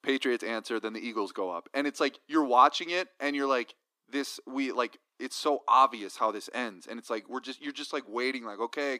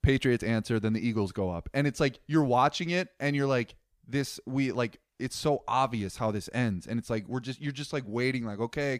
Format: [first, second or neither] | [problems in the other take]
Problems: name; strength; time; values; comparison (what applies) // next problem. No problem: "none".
second | thin; somewhat; fading below 300 Hz